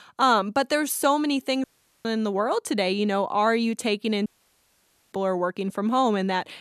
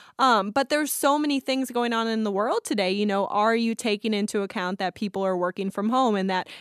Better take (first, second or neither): second